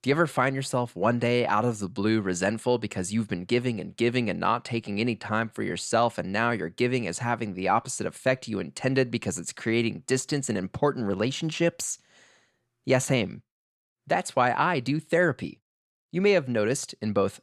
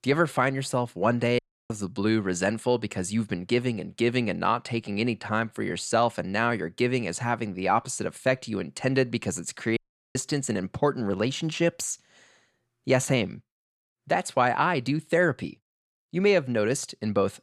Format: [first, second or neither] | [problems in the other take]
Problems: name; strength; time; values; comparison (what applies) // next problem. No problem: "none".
first | audio cutting out; at 1.5 s and at 10 s